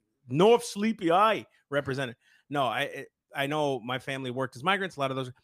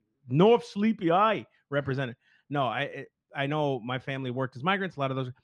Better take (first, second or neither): first